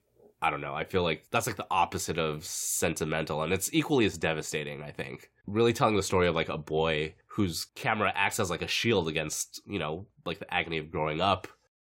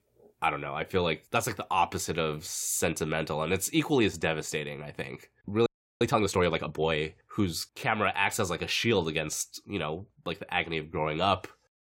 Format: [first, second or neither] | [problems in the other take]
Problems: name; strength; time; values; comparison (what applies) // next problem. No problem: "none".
first | audio freezing; at 5.5 s